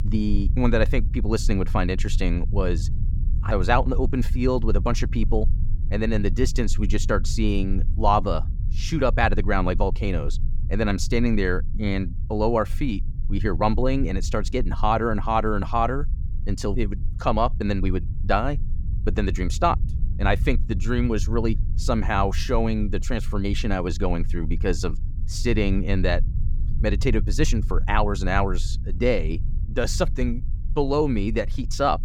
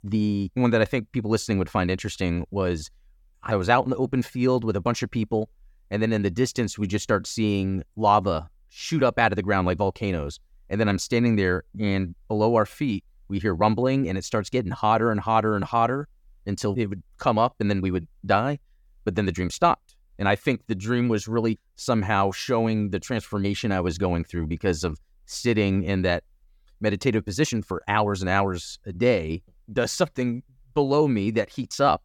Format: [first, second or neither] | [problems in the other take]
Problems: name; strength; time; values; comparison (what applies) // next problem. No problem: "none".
second | low rumble; faint; throughout; 20 dB below the speech